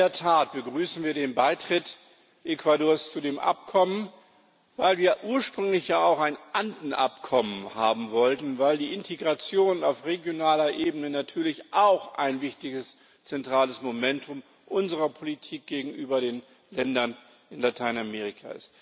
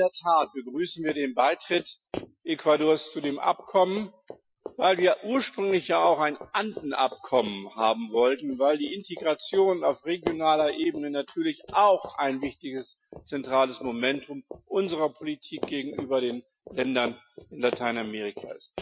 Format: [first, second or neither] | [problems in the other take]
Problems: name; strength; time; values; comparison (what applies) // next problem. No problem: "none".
first | noise reduction (classical method Wiener filter)